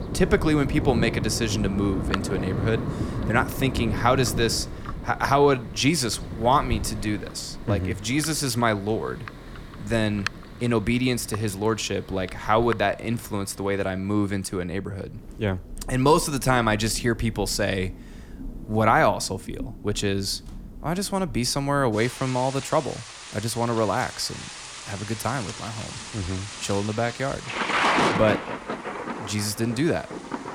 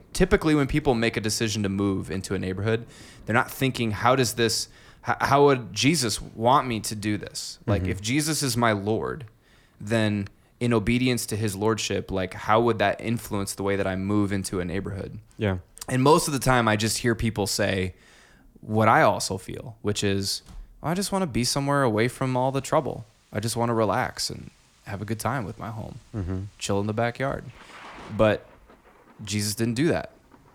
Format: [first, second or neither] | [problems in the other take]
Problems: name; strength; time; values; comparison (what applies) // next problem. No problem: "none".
second | rain or running water; loud; throughout; 7 dB below the speech; faint in the second